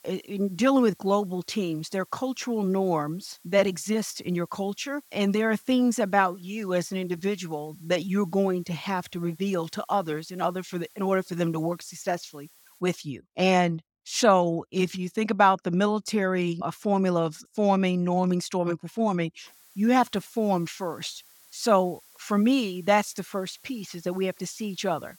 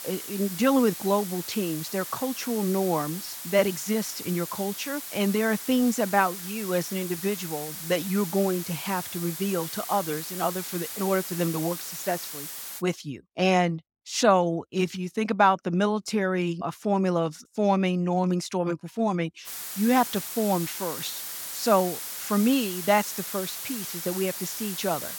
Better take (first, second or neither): first